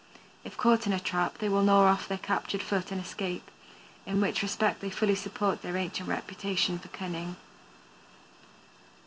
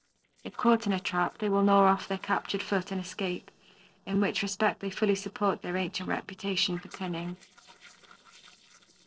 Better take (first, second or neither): first